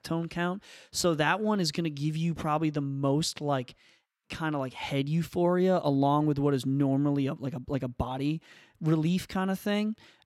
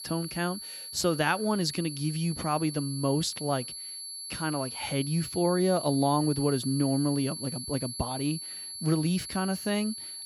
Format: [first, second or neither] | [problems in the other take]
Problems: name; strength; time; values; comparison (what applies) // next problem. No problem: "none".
first | high-pitched whine; loud; throughout; 4.5 kHz, 8 dB below the speech